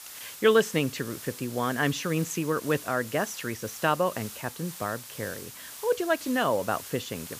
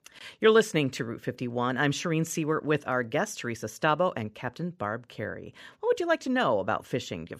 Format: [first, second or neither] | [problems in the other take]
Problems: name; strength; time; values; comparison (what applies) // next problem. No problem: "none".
second | hiss; noticeable; throughout; 10 dB below the speech